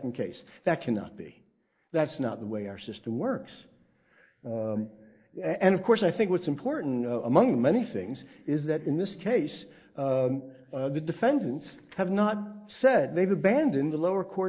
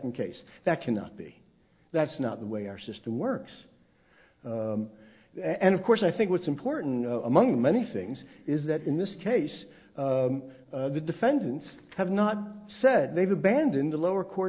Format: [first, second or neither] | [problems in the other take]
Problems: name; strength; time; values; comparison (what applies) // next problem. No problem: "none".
second | noise reduction (neural mask model Resemble Enhance denoiser)